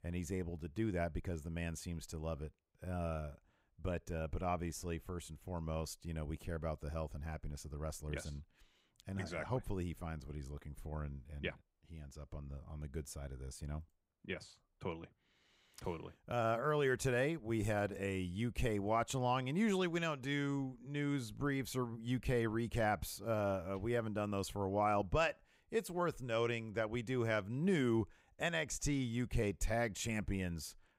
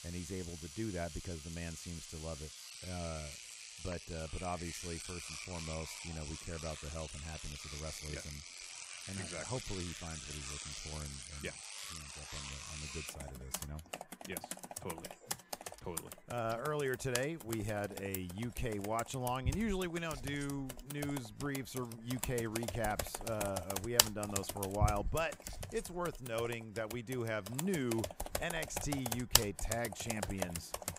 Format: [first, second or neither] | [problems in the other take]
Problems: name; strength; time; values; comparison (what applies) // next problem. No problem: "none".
first | household noises; loud; throughout; 1 dB below the speech